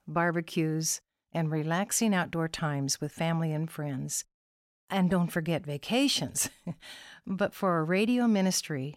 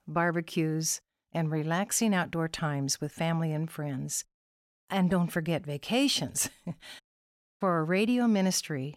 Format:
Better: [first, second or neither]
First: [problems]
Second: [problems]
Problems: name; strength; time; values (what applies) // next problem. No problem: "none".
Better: first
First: none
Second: audio cutting out; at 7 s for 0.5 s